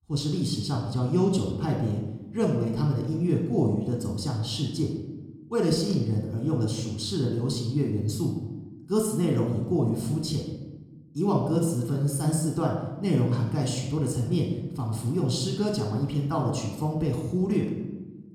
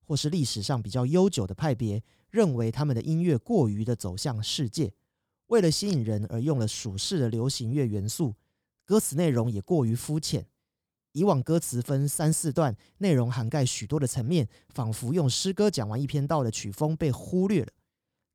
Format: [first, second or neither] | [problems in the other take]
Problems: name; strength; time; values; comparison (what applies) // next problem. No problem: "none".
second | off-mic speech; somewhat distant // room echo; noticeable; dies away in 1 s